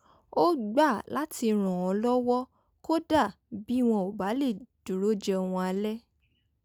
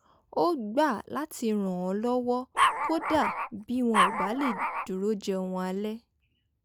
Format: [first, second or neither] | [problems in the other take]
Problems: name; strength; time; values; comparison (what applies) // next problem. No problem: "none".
first | background sound (Dog); 2 dB above the speech